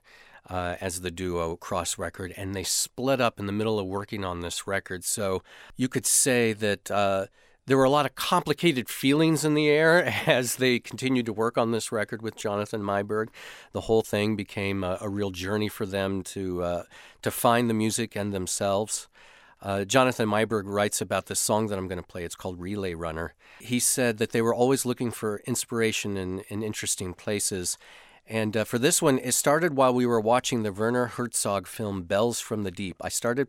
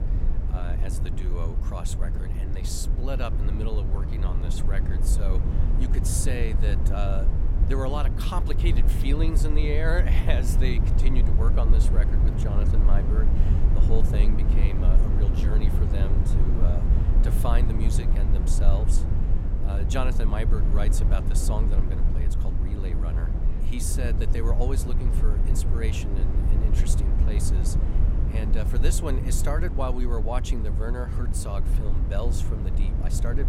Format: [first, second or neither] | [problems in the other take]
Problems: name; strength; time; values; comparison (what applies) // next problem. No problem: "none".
first | low rumble; loud; throughout; 4 dB below the speech